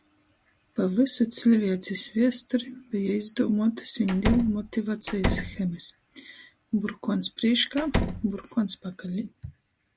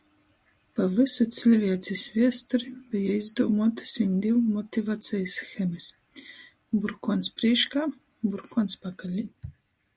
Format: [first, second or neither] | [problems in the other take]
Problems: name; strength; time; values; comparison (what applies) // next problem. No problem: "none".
second | background sound (Slam); 2 dB below the speech